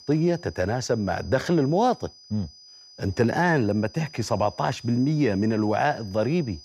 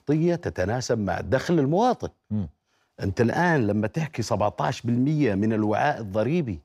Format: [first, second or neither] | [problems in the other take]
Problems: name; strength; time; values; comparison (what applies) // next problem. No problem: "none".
second | high-pitched whine; faint; throughout; 5 kHz, 20 dB below the speech